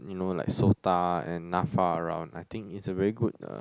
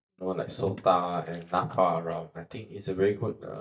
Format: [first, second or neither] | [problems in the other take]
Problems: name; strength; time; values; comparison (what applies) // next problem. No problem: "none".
first | noise reduction (neural mask model DeepFilterNet 3)